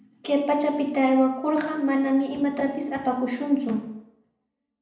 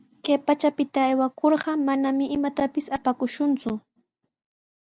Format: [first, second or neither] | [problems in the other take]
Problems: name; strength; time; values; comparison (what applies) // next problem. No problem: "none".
second | room echo; dies away in 0.7 s